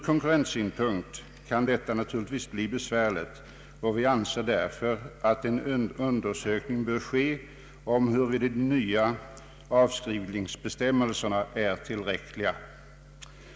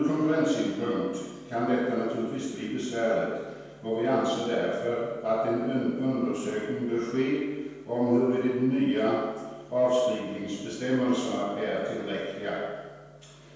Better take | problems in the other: first | room echo; dies away in 1.2 s

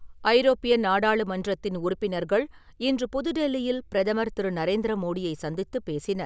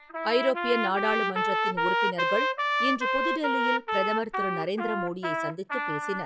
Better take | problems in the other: first | noise reduction (classical method log-MMSE)

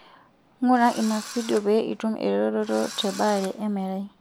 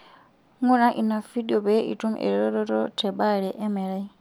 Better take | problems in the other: second | background sound (Engine / Drill); 16 dB below the speech

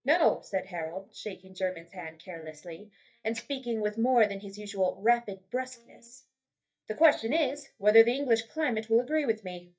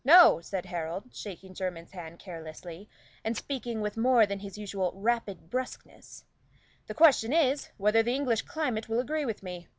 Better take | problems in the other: second | noise reduction (neural mask model DeepFilterNet 3)

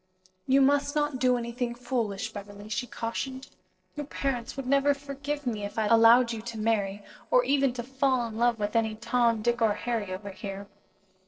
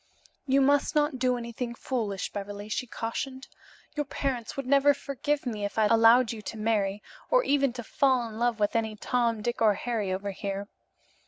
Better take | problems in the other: second | noise reduction (neural separator model SepFormer DNS4)

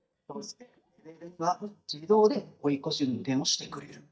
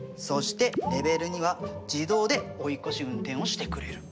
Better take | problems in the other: second | noise reduction (neural mask model DeepFilterNet 3)

